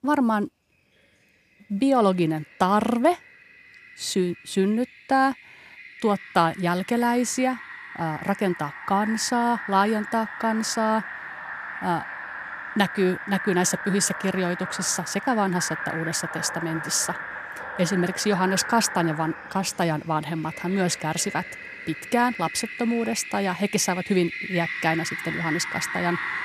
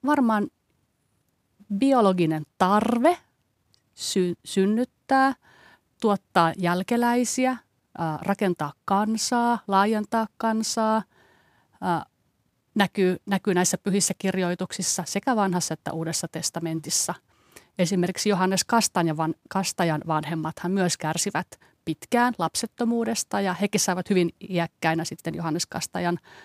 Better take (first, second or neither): second